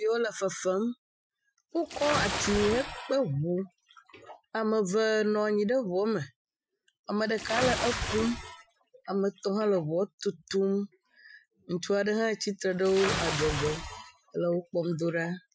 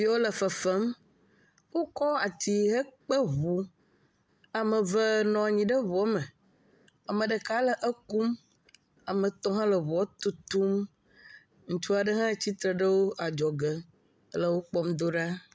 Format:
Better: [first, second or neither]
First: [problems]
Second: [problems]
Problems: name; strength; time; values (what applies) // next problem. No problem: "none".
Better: second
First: noise reduction (classical method Wiener filter)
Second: none